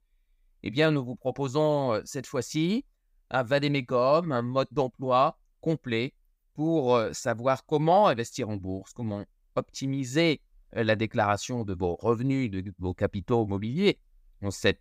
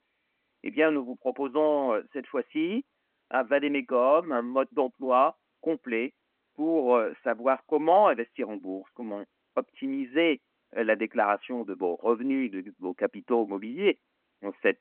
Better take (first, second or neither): first